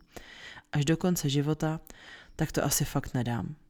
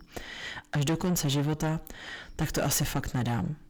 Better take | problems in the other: first | distortion; heavy; 7 dB below the speech

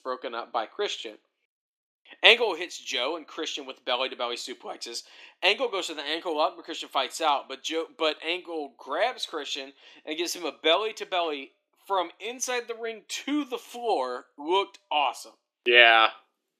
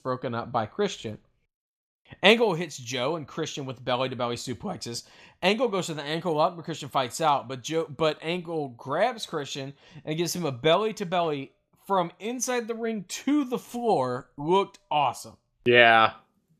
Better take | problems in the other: second | thin; somewhat; fading below 300 Hz

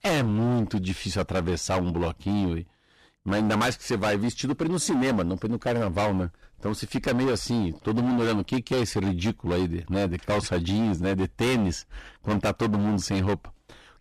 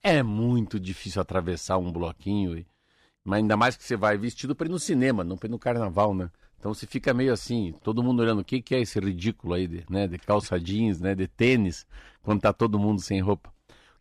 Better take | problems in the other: second | distortion; heavy; 21% of the sound clipped

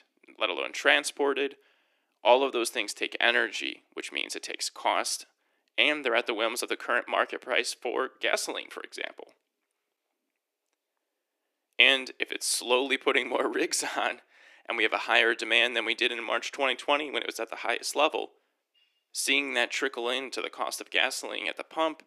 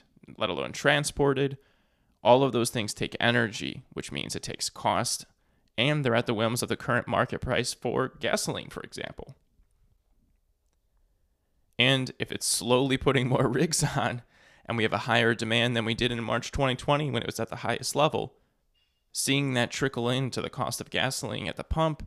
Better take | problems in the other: second | thin; somewhat; fading below 300 Hz

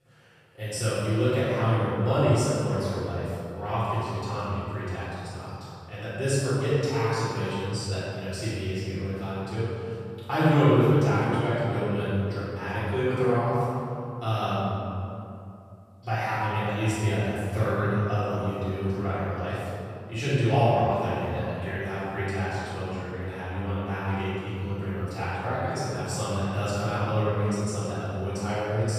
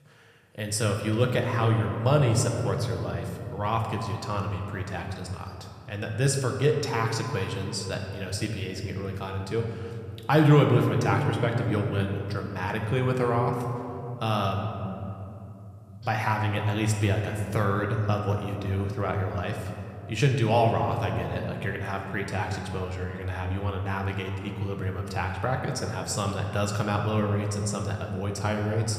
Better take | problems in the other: second | room echo; strong; dies away in 2.5 s; slight in the second // off-mic speech; far

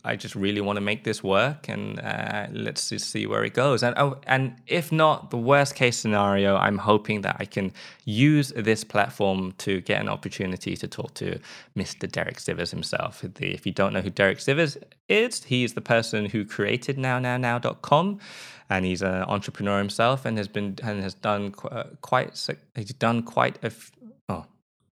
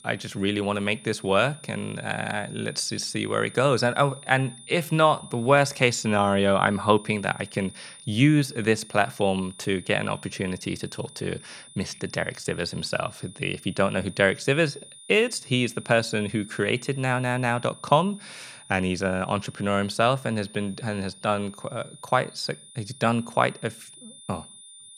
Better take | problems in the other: first | high-pitched whine; noticeable; throughout; 9.5 kHz, 20 dB below the speech

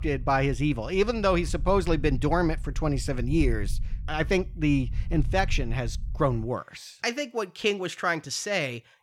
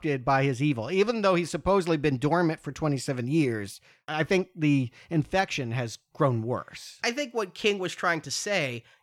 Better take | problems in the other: second | low rumble; faint; until 6.5 s; 25 dB below the speech

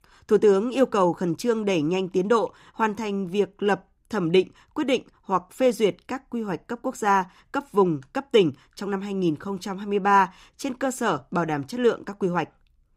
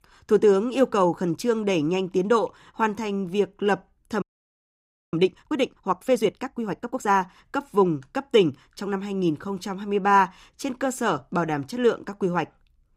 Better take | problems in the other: first | audio freezing; at 4 s for 1 s

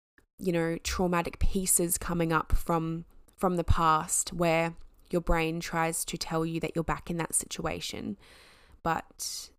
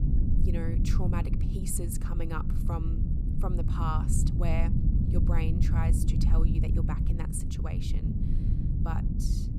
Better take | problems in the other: first | low rumble; loud; throughout; 2 dB below the speech

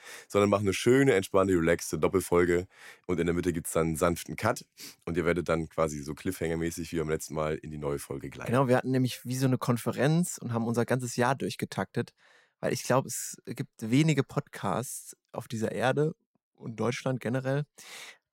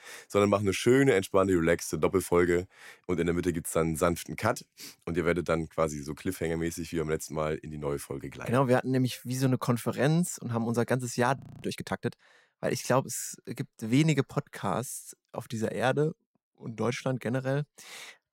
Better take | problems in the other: first | audio freezing; at 11 s

